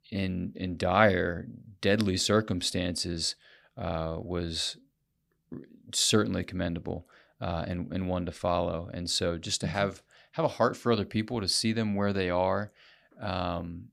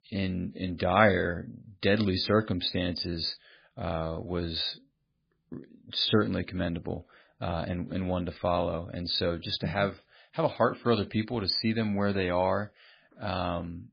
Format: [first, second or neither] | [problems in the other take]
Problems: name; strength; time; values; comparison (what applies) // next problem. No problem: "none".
first | garbled, watery; badly; nothing above 4.5 kHz